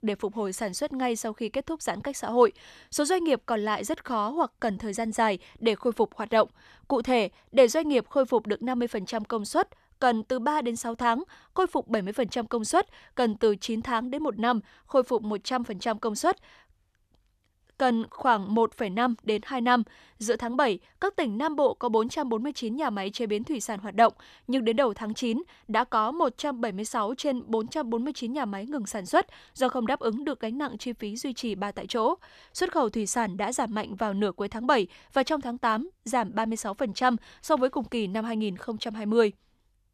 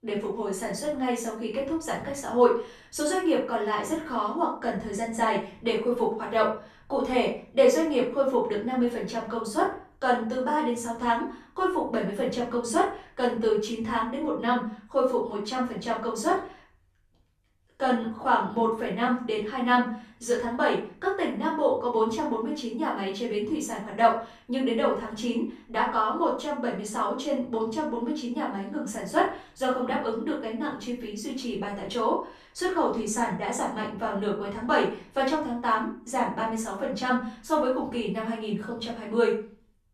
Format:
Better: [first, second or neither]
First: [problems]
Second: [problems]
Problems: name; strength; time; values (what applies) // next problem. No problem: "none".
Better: first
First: none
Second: off-mic speech; far // room echo; noticeable; dies away in 0.4 s